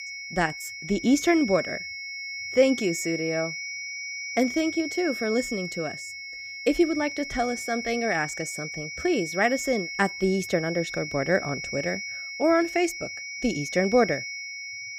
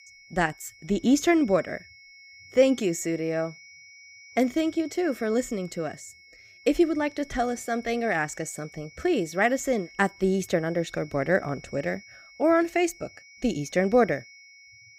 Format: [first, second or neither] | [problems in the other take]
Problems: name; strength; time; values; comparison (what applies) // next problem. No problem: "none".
second | high-pitched whine; loud; throughout; 2 kHz, 7 dB below the speech; faint in the second